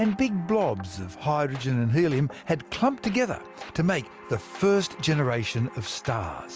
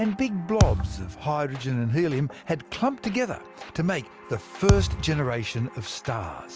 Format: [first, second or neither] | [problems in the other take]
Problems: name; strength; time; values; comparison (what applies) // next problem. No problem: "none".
first | background sound (Thump, thud); 1 dB above the speech